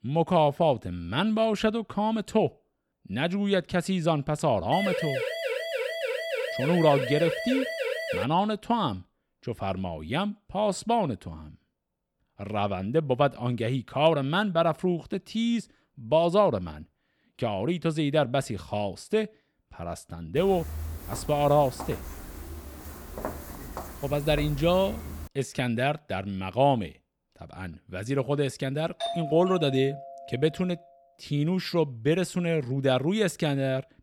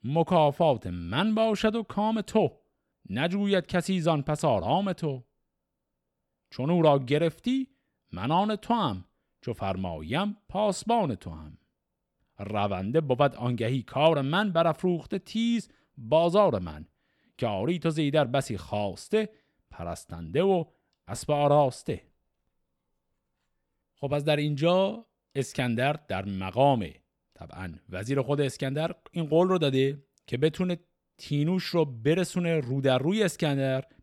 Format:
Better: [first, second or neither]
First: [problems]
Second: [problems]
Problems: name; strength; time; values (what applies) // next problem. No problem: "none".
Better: second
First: siren; noticeable; from 4.5 to 8 s; peak 3 dB below the speech // footsteps; noticeable; from 20 to 25 s; peak 10 dB below the speech // doorbell; noticeable; from 29 to 30 s; peak 6 dB below the speech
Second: none